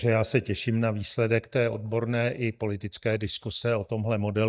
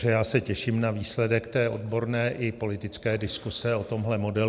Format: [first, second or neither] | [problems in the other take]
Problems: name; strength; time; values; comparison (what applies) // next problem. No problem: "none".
second | noise reduction (neural mask model DeepFilterNet 3)